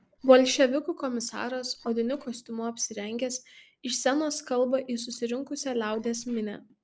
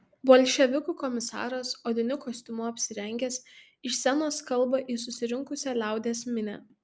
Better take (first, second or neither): second